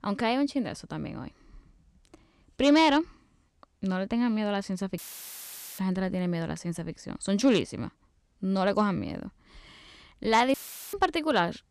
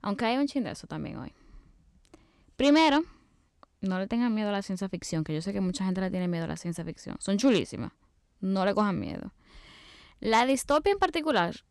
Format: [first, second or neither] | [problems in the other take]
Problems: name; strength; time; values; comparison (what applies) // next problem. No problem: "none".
second | audio cutting out; filled with static; at 5 s for 1 s and at 11 s